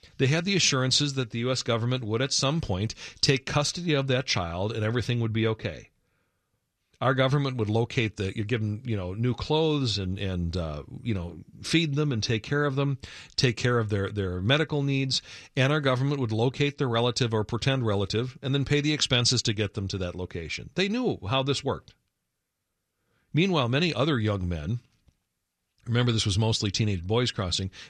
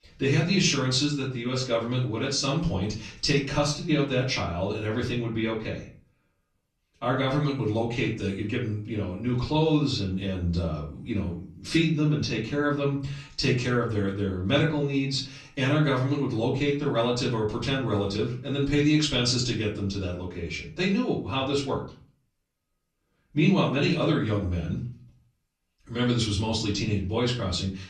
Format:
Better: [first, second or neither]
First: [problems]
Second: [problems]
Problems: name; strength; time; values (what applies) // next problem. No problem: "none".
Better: first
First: none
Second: off-mic speech; far // room echo; slight; dies away in 0.4 s